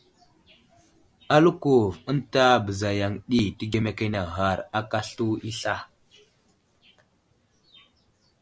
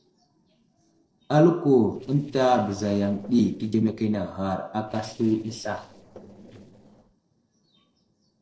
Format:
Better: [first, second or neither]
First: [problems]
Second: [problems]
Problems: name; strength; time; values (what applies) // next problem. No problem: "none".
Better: first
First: none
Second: noise reduction (neural separator model SepFormer DNS4)